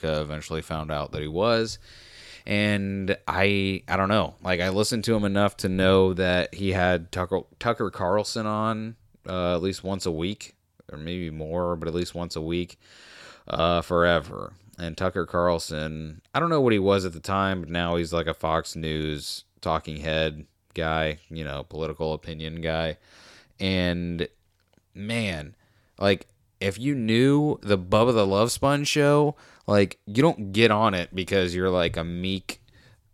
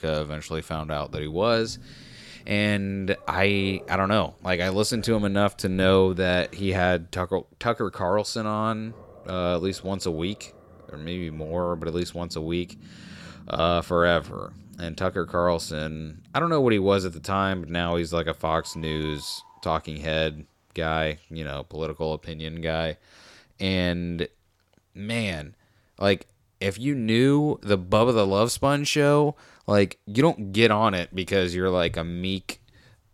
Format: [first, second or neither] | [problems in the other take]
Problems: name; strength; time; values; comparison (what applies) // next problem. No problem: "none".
first | animal sounds; faint; throughout; 25 dB below the speech